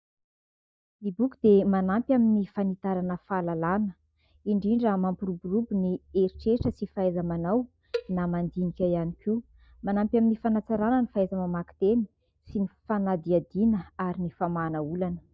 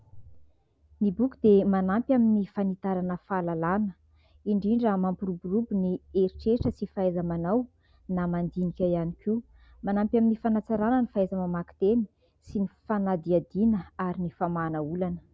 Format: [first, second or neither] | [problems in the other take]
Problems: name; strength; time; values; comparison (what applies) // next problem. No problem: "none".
second | noise reduction (neural mask model DeepFilterNet 3)